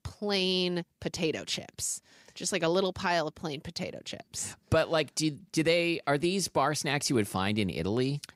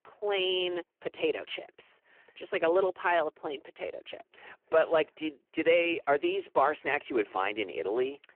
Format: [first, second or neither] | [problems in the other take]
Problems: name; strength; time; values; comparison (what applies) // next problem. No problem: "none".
first | phone-call audio; poor line; nothing above 3 kHz